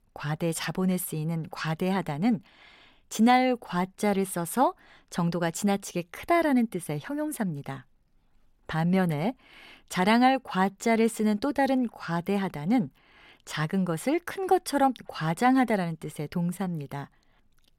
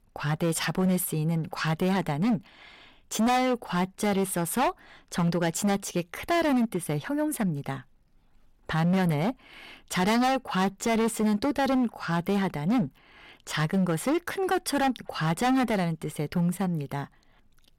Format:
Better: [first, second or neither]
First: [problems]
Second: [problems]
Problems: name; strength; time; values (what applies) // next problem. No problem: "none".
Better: first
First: none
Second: distortion; heavy; 13% of the sound clipped